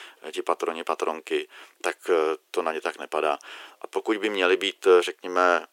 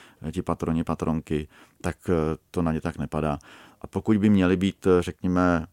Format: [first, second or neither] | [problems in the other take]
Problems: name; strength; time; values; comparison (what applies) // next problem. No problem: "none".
second | thin; very; fading below 350 Hz